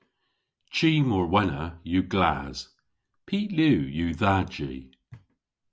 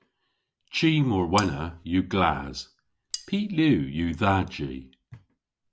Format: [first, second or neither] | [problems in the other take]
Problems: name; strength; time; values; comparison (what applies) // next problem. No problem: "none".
first | background sound (Cutlery, silverware); 13 dB below the speech